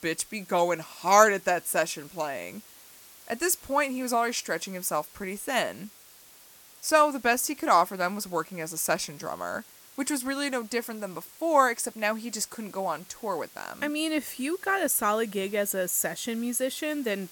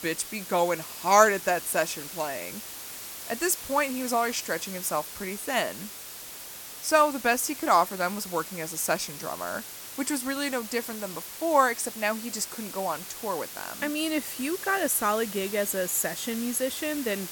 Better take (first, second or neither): first